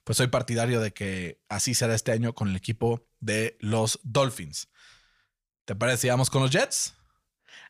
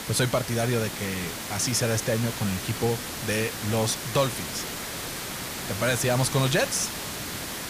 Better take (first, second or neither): first